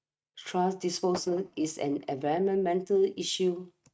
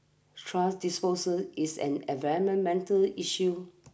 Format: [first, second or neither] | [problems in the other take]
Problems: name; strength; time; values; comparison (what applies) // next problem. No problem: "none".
second | noise reduction (neural mask model RNNoise)